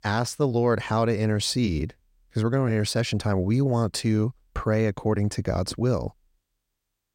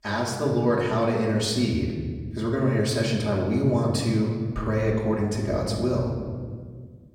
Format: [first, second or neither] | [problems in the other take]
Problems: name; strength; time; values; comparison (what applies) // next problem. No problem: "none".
first | off-mic speech; far // room echo; noticeable; dies away in 1.5 s